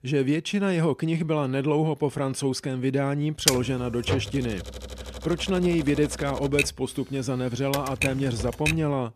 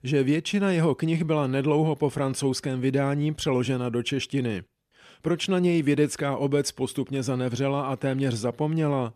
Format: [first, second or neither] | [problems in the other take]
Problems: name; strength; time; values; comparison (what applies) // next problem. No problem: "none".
second | keyboard typing; loud; from 3.5 s on; peak 3 dB above the speech